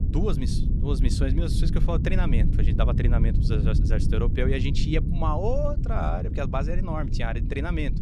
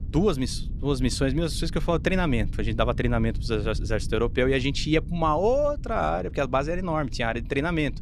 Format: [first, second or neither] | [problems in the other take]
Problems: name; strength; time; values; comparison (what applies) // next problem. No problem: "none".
second | low rumble; loud; throughout; 7 dB below the speech; faint in the second